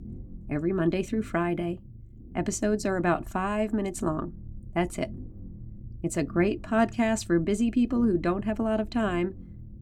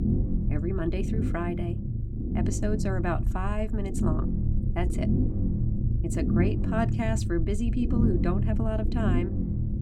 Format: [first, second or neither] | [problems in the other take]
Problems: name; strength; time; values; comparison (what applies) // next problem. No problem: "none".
first | low rumble; loud; throughout; 4 dB below the speech; faint in the first